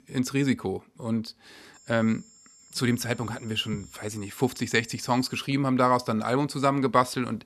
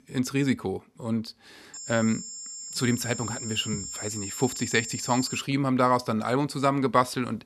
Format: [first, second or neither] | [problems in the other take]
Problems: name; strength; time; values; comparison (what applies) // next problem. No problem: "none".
first | high-pitched whine; loud; from 1.5 to 5.5 s; 7.5 kHz, 8 dB below the speech; faint in the first